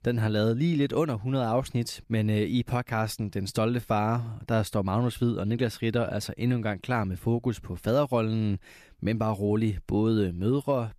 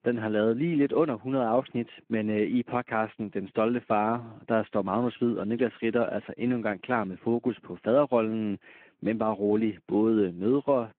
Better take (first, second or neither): first